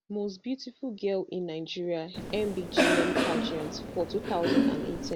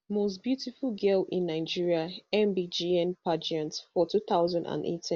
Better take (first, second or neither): second